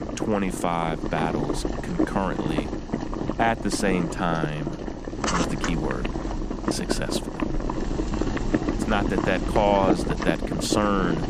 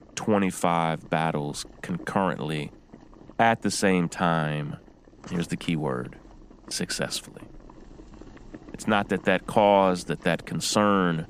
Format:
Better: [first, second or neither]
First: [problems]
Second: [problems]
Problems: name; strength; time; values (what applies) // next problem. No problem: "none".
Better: second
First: household noises; loud; throughout; 1 dB below the speech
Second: household noises; faint; throughout; 25 dB below the speech